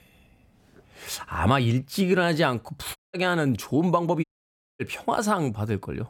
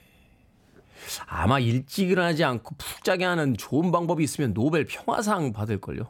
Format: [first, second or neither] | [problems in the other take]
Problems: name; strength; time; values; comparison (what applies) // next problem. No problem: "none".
second | audio cutting out; at 3 s and at 4 s for 0.5 s